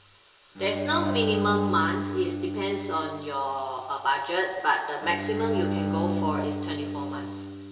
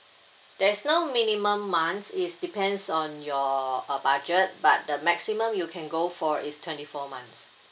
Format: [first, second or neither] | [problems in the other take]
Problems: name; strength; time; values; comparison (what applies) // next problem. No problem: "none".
second | background sound (Bowed string instrument); 3 dB below the speech // room echo; dies away in 1.4 s